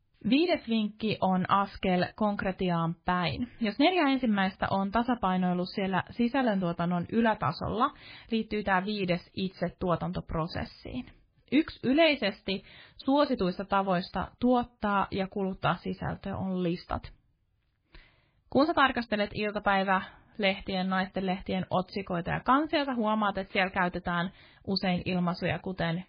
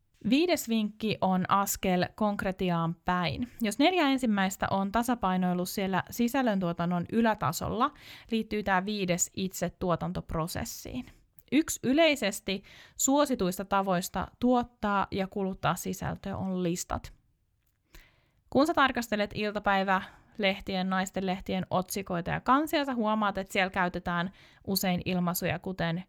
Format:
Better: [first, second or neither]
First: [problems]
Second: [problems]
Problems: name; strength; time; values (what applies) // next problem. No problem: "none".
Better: second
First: garbled, watery; badly; nothing above 4.5 kHz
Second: none